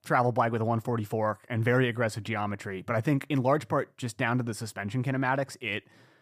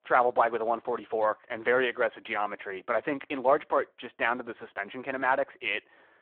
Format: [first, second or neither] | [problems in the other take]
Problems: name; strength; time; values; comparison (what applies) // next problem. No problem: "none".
first | phone-call audio